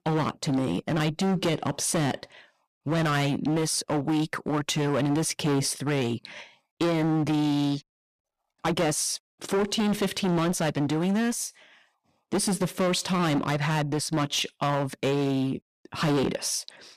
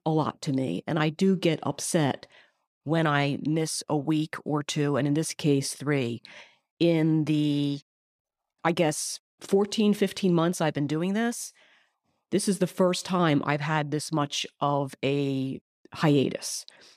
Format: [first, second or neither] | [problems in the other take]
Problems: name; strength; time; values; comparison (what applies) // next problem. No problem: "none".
second | distortion; heavy; 18% of the sound clipped